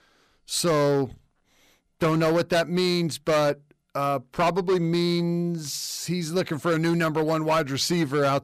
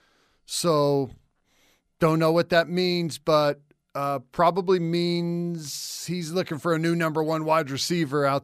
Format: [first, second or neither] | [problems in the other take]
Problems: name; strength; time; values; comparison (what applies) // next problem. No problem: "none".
second | distortion; slight; 9% of the sound clipped